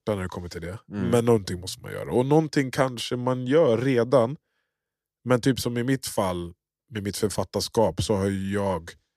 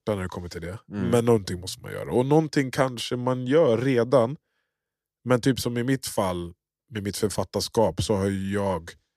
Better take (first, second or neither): neither